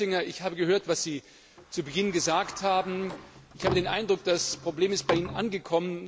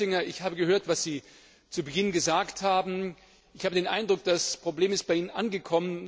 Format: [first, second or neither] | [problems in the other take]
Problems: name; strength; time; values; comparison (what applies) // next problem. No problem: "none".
second | background sound (Sliding door); 11 dB below the speech